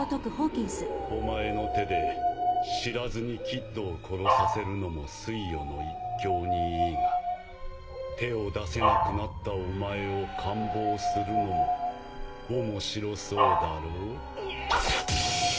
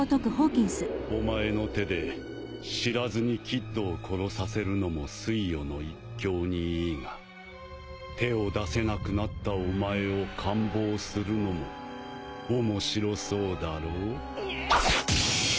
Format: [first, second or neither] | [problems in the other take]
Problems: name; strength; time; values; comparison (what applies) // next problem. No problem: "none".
second | background sound (Dog); 1 dB above the speech // room echo; dies away in 0.5 s